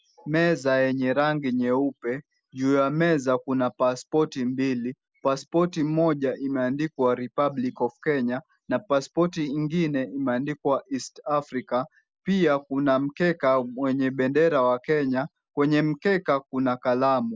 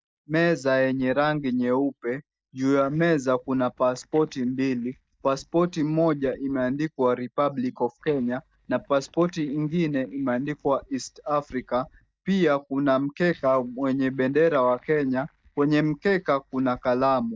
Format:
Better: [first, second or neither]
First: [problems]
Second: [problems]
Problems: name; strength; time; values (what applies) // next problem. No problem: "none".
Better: first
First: none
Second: noise reduction (neural mask model DeepFilterNet 3)